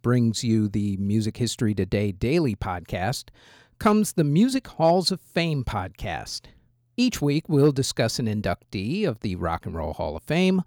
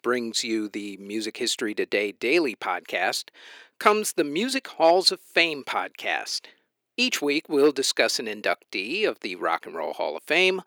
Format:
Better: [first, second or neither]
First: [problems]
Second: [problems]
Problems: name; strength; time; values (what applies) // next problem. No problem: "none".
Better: first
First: none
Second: thin; somewhat; fading below 350 Hz